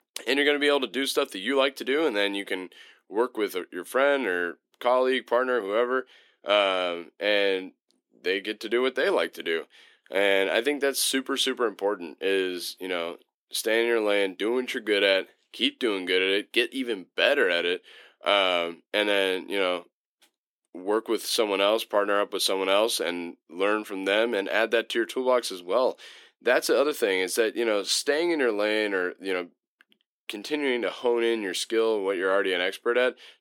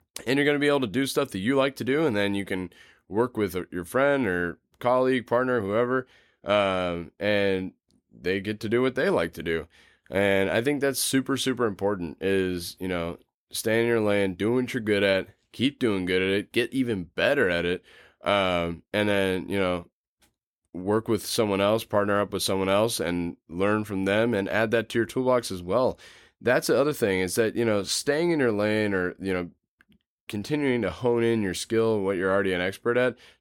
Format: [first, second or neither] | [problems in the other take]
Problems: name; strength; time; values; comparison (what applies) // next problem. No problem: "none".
second | thin; very slightly; fading below 300 Hz